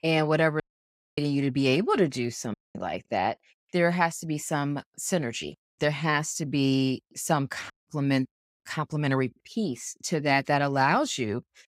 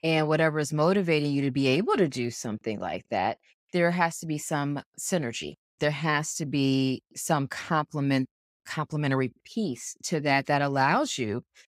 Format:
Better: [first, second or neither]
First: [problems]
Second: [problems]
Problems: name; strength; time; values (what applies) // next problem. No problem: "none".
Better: second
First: audio cutting out; at 0.5 s for 0.5 s, at 2.5 s and at 7.5 s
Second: none